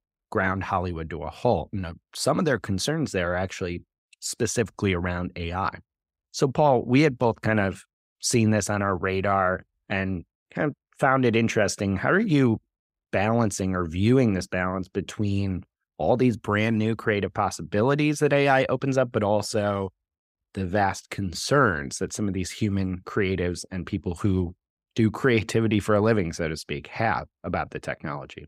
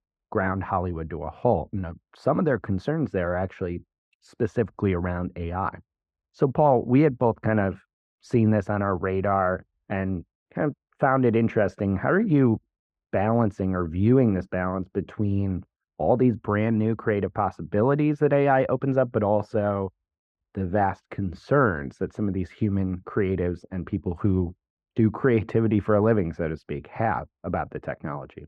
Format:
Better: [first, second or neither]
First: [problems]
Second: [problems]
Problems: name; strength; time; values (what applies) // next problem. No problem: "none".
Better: first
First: none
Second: muffled; very; fading above 3.5 kHz